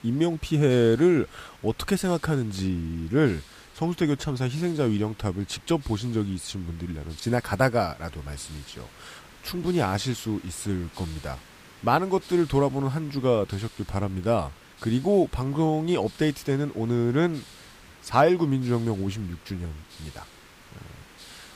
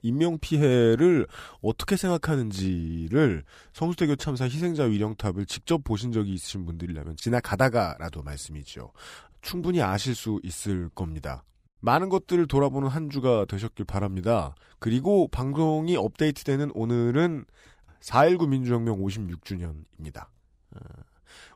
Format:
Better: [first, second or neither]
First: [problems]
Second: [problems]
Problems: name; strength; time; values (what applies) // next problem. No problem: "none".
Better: second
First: hiss; faint; throughout; 20 dB below the speech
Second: none